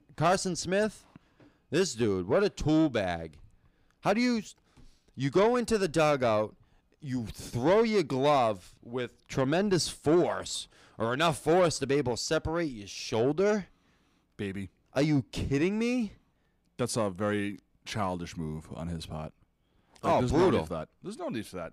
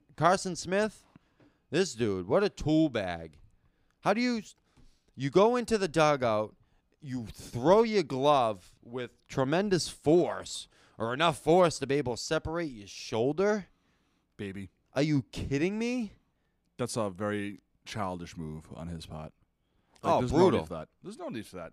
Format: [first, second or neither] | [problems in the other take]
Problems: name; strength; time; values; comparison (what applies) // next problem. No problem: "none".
second | distortion; slight; 10 dB below the speech